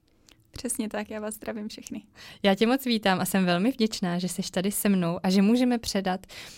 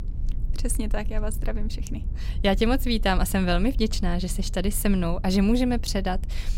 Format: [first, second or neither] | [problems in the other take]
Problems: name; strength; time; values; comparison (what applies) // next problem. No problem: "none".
first | low rumble; faint; throughout; 20 dB below the speech